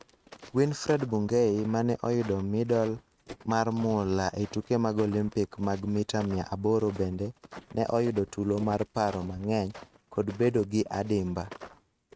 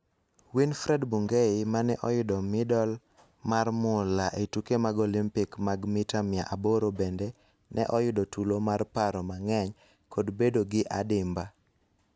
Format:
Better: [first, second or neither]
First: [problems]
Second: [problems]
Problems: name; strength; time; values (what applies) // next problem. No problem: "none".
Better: second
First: noise reduction (neural mask model RNNoise)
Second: none